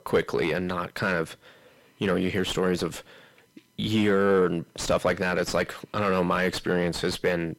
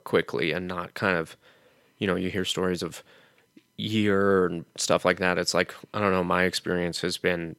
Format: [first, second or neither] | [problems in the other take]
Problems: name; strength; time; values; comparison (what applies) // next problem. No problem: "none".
second | distortion; heavy; 7 dB below the speech